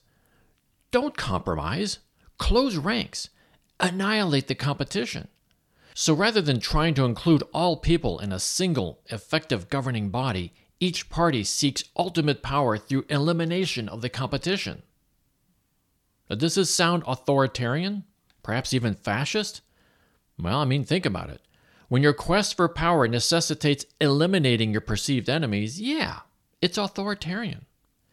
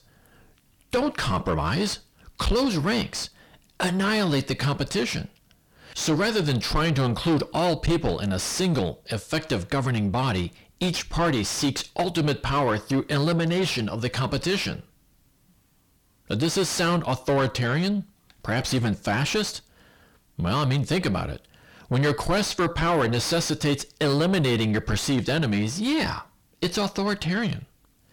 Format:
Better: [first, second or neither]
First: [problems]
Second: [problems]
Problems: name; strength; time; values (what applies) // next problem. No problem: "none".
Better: first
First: none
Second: distortion; heavy; 5 dB below the speech